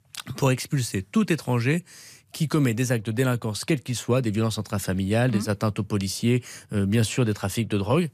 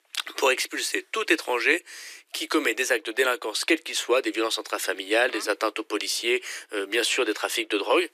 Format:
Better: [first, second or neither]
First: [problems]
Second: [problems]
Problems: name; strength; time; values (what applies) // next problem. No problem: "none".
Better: first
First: none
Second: thin; very; fading below 300 Hz